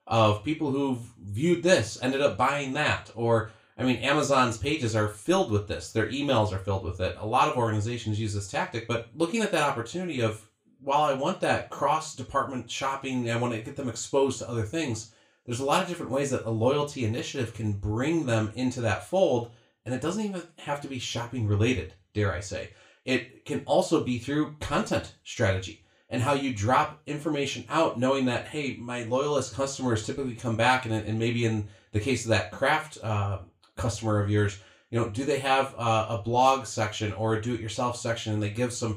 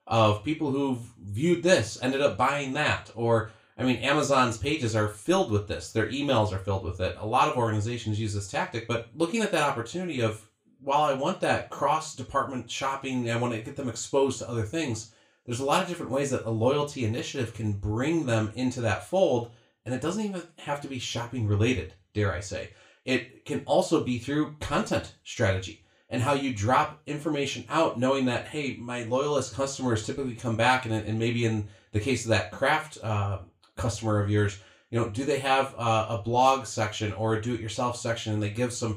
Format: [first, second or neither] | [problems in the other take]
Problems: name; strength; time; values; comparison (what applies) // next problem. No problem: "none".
neither | room echo; very slight; dies away in 0.3 s; the same in both // off-mic speech; far; the same in both